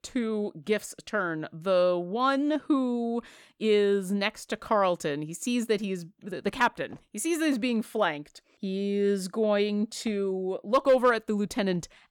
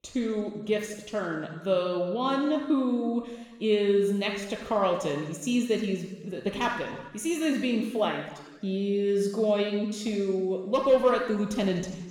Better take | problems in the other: first | room echo; noticeable; dies away in 1.1 s // off-mic speech; somewhat distant

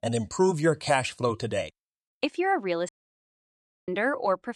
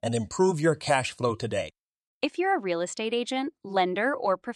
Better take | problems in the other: second | audio cutting out; at 3 s for 1 s

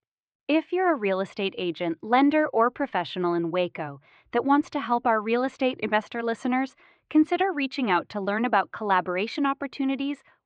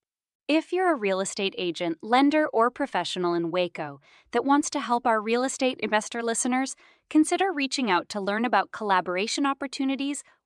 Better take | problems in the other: second | muffled; slightly; fading above 3 kHz

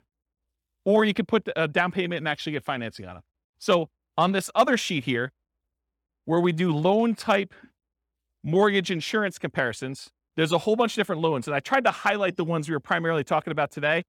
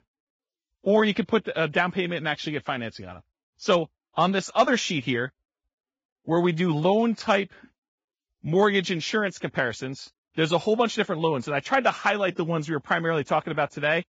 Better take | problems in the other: first | garbled, watery; badly; nothing above 7.5 kHz

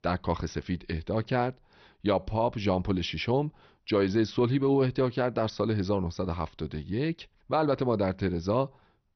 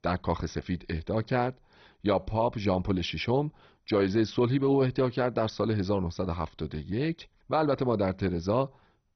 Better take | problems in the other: first | garbled, watery; badly; nothing above 6 kHz; slightly in the first

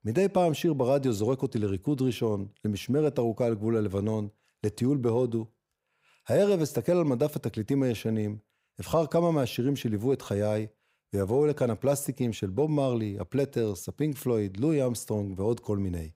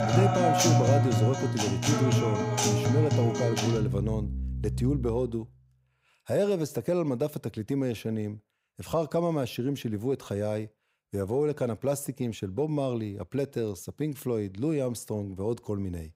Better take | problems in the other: first | background music; very loud; until 5 s; 4 dB above the speech

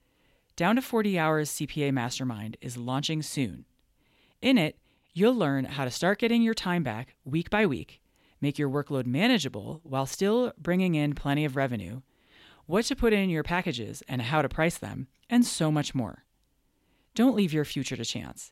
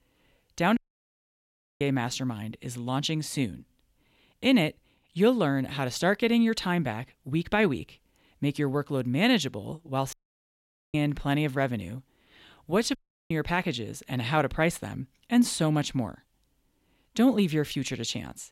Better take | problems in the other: first | audio cutting out; at 1 s for 1 s, at 10 s for 1 s and at 13 s

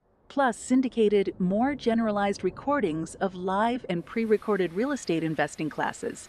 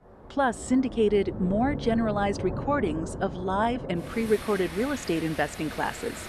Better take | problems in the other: first | rain or running water; loud; throughout; 9 dB below the speech; faint in the first

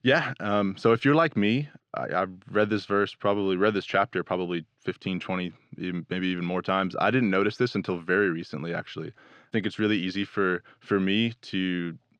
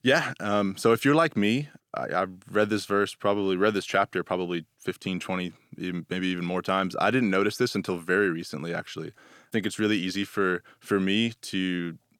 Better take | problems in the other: second | muffled; very slightly; fading above 4 kHz

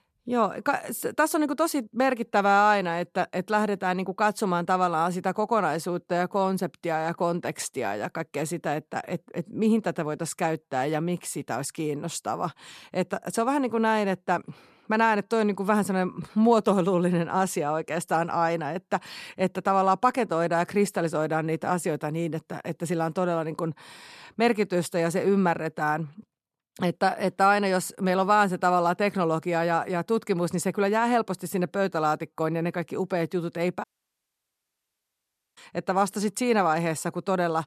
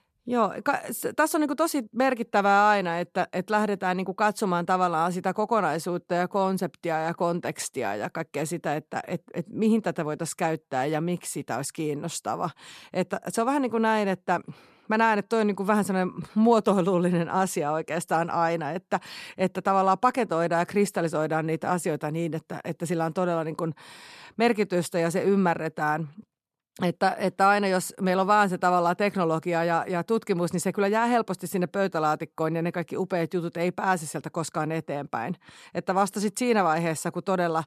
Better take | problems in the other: second | audio cutting out; at 34 s for 1.5 s

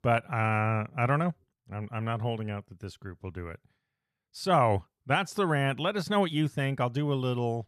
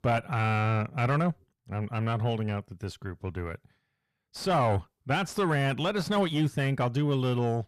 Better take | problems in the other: first | distortion; slight; 10 dB below the speech

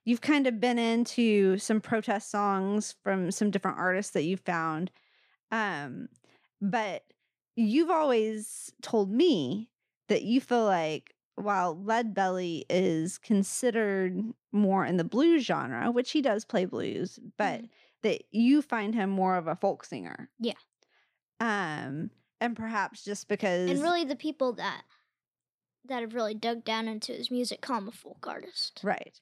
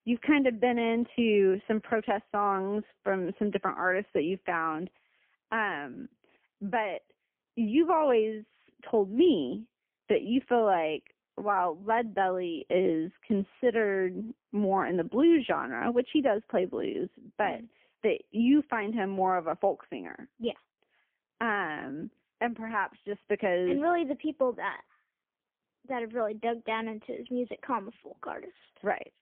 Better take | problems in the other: first | phone-call audio; poor line; nothing above 3.5 kHz

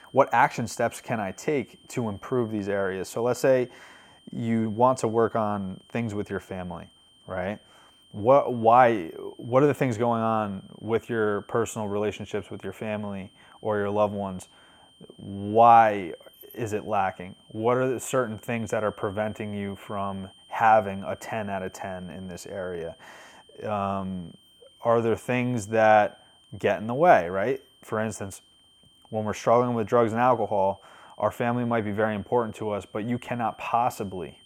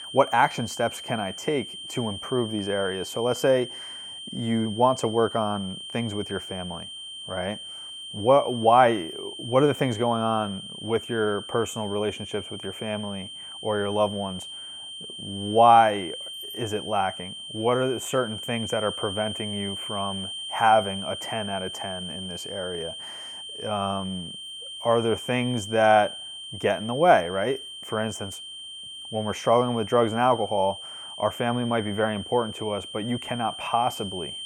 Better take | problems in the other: first | high-pitched whine; loud; throughout; 3 kHz, 10 dB below the speech; faint in the first

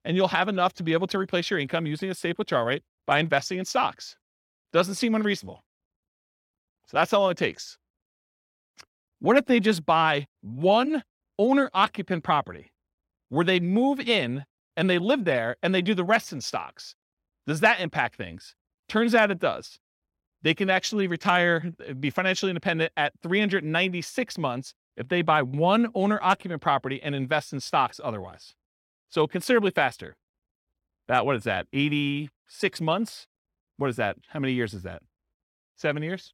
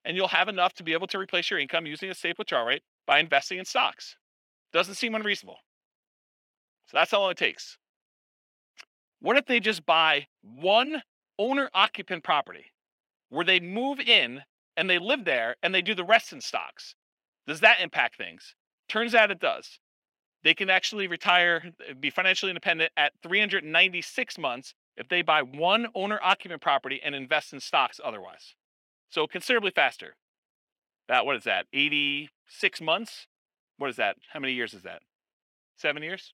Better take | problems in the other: first | thin; somewhat; fading below 250 Hz

